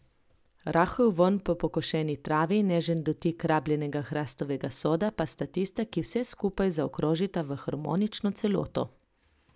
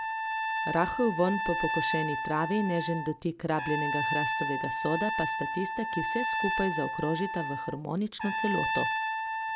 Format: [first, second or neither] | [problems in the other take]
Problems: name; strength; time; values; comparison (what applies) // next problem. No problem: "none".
first | background sound (Trumpet); as loud as the speech